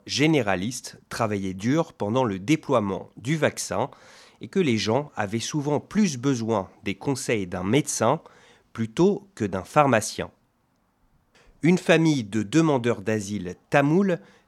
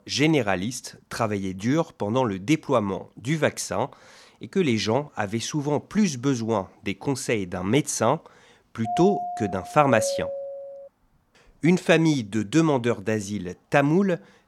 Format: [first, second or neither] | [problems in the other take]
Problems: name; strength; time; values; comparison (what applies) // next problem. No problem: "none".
first | doorbell; noticeable; from 9 to 11 s; peak 3 dB below the speech